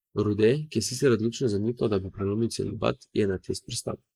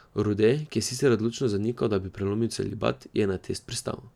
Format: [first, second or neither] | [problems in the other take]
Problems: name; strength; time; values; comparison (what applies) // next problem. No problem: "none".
second | noise reduction (neural mask model Resemble Enhance denoiser)